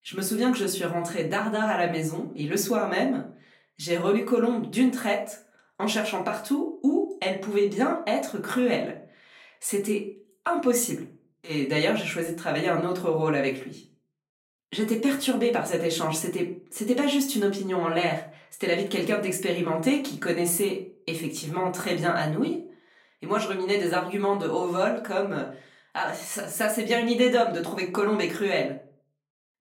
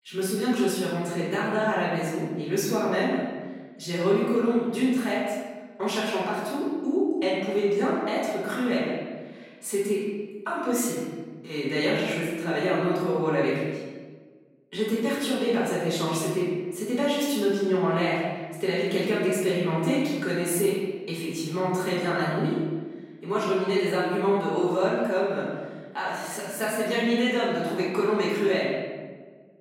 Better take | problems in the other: first | room echo; strong; dies away in 1.3 s; slight in the first // off-mic speech; far; far in the first

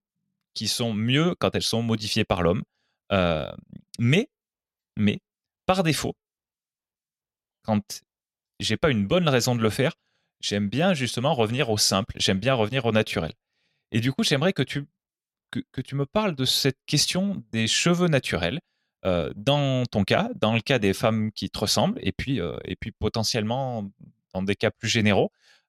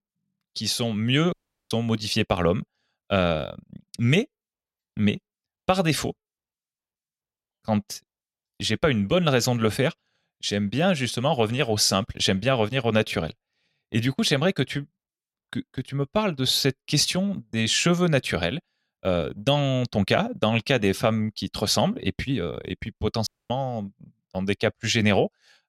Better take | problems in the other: first | audio cutting out; at 1.5 s and at 23 s

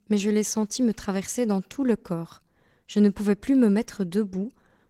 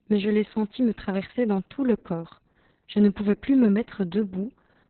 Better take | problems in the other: first | garbled, watery; badly; nothing above 4 kHz; slightly in the first

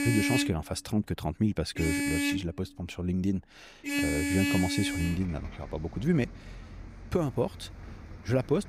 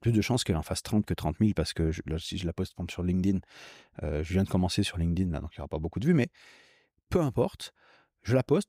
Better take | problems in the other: second | traffic noise; very loud; throughout; 1 dB above the speech

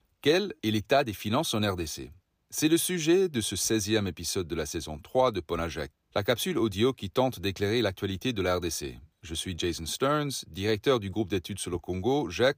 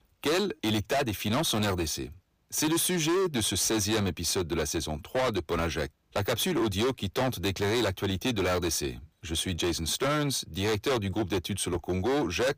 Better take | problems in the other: first | distortion; heavy; 19% of the sound clipped

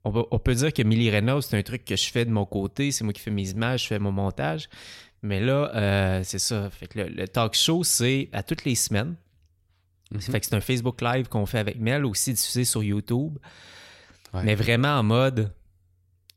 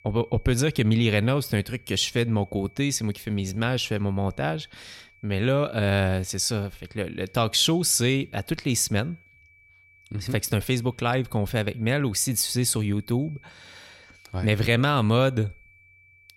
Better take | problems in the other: first | high-pitched whine; faint; throughout; 2.5 kHz, 30 dB below the speech

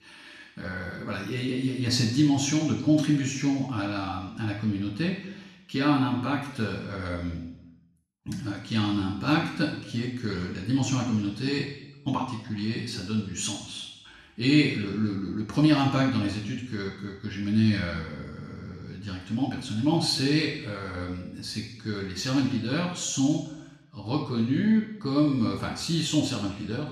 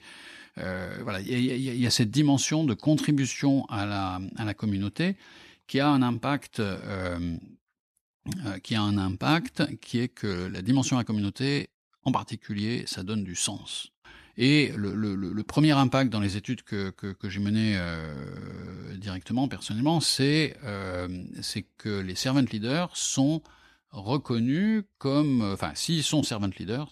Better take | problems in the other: second | room echo; noticeable; dies away in 0.8 s // off-mic speech; far

